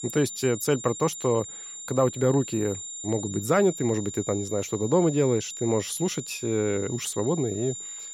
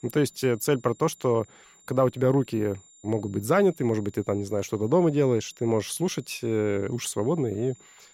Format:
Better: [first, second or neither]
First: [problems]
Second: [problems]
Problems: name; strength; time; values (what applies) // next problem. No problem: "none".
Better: second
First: high-pitched whine; loud; throughout; 7 kHz, 9 dB below the speech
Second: high-pitched whine; faint; throughout; 7 kHz, 25 dB below the speech